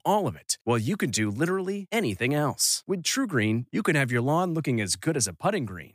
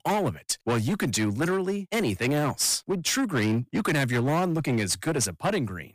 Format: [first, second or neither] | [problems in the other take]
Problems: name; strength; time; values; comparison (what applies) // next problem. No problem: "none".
first | distortion; slight; 16% of the sound clipped